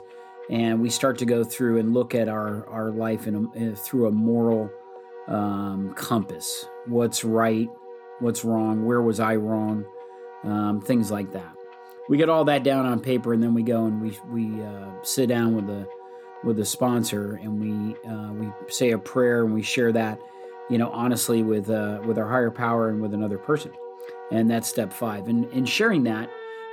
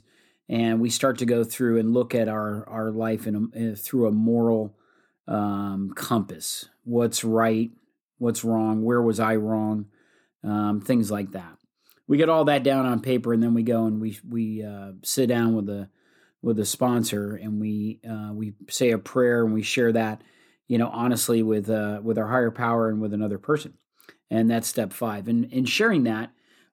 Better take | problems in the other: second | background music; noticeable; throughout; 15 dB below the speech

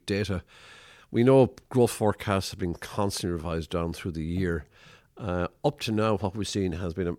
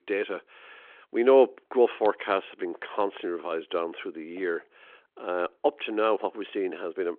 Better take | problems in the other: first | phone-call audio

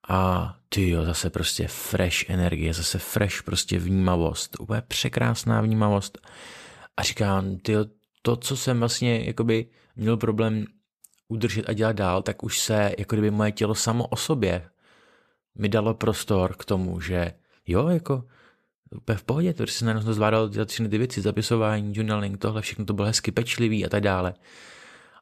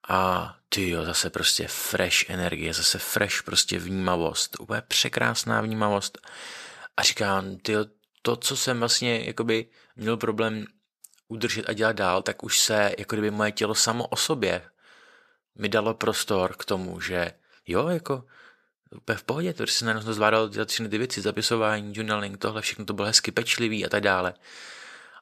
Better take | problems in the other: first | thin; somewhat; fading below 900 Hz

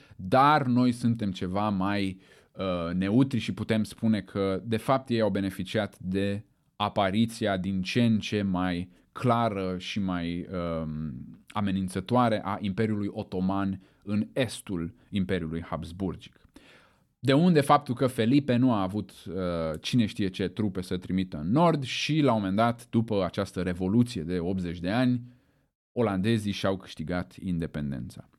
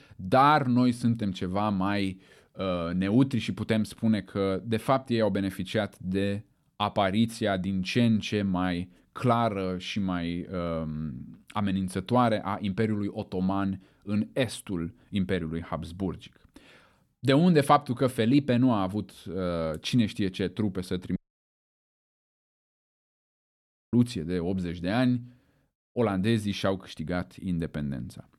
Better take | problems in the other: first | audio cutting out; at 21 s for 3 s

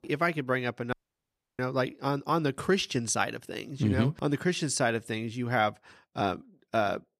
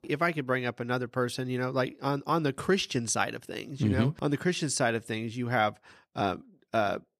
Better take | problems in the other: second | audio cutting out; at 1 s for 0.5 s

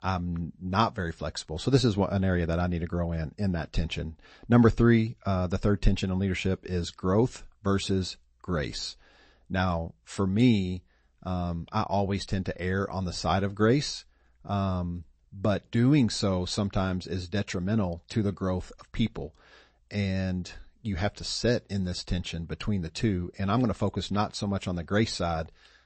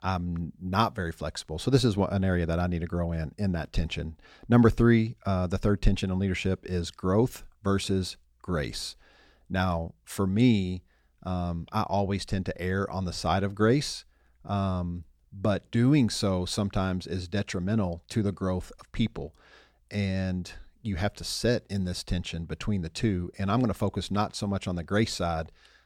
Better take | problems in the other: second | garbled, watery; slightly; nothing above 8 kHz

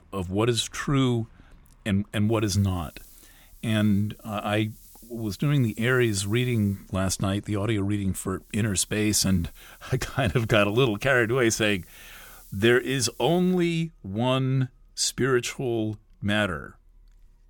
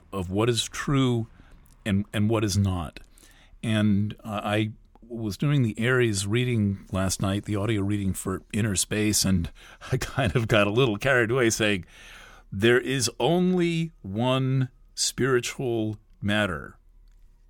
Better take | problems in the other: second | hiss; faint; from 2.5 to 7 s and from 8.5 to 14 s; 25 dB below the speech

